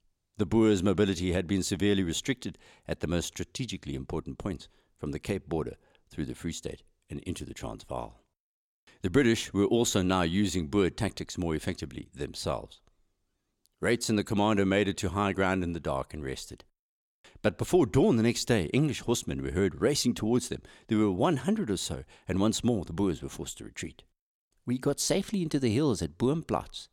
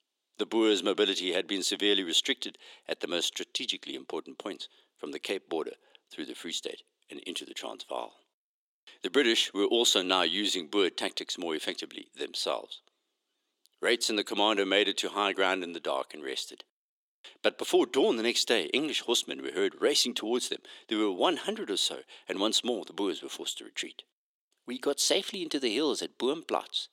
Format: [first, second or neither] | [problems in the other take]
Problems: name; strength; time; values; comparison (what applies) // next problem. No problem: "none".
first | thin; somewhat; fading below 300 Hz